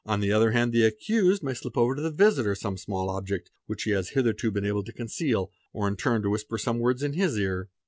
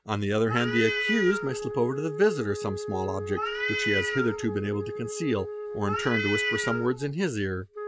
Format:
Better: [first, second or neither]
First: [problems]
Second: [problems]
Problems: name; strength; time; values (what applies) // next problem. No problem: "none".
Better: first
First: none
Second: background sound (Wind instrument, woodwind instrument + Meow); 4 dB below the speech